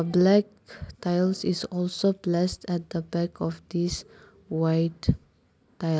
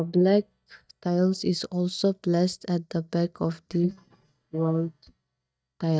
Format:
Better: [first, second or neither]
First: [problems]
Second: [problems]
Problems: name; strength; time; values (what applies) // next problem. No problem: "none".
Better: first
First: none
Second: noise reduction (neural mask model DeepFilterNet 3)